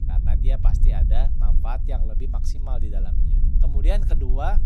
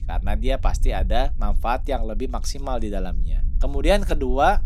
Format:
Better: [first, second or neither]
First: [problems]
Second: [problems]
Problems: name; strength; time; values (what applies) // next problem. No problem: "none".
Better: second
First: low rumble; loud; throughout; 7 dB below the speech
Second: low rumble; faint; throughout; 25 dB below the speech